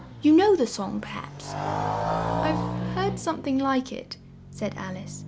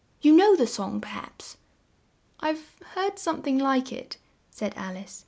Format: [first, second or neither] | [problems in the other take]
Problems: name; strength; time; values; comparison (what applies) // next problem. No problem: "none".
second | background sound (Motorcycle); 5 dB below the speech